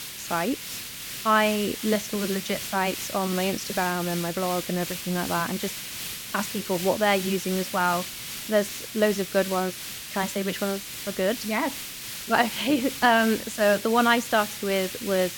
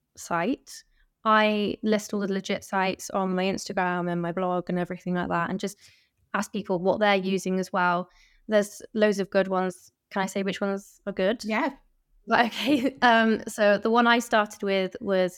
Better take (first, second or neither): second